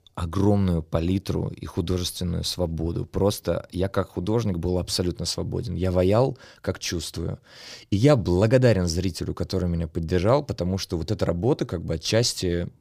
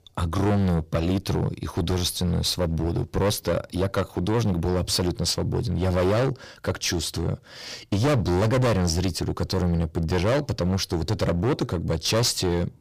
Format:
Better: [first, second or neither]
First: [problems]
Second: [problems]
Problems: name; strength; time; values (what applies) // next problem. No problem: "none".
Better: first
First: none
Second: distortion; heavy; 15% of the sound clipped